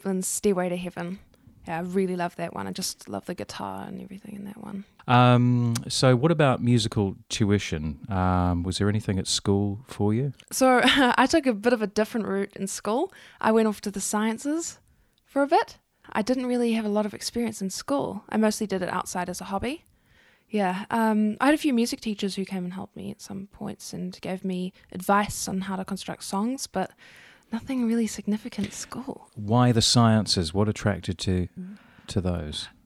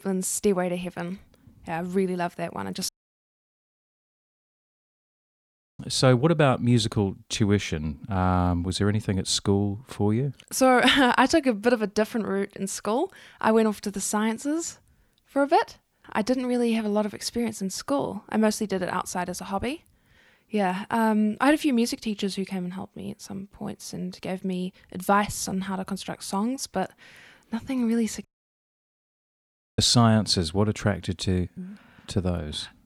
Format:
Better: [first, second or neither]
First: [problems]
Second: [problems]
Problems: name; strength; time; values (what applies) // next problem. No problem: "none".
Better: first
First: none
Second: audio cutting out; at 3 s for 3 s and at 28 s for 1.5 s